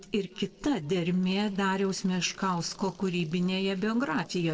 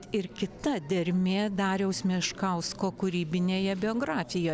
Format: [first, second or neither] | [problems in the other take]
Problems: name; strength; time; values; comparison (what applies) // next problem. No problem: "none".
second | noise reduction (neural separator model SepFormer DNS4)